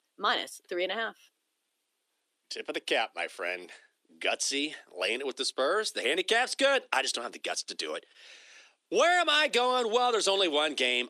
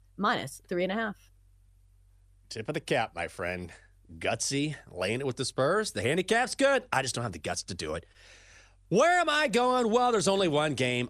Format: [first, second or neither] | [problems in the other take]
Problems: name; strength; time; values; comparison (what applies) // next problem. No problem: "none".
second | thin; somewhat; fading below 300 Hz